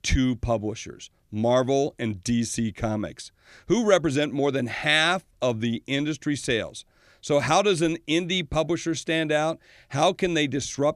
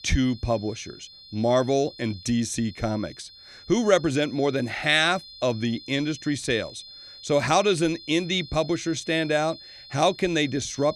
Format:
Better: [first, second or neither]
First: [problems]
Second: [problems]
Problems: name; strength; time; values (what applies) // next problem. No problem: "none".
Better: first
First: none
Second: high-pitched whine; noticeable; throughout; 4 kHz, 20 dB below the speech